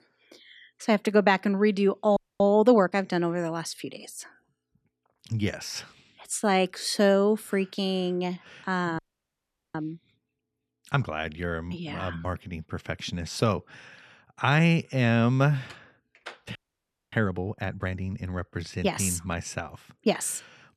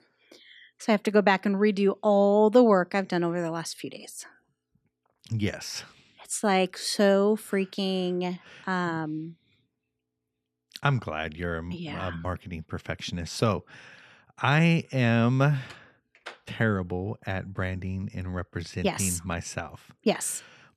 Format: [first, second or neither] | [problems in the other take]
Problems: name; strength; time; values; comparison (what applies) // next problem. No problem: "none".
second | audio freezing; at 2 s, at 9 s for 1 s and at 17 s for 0.5 s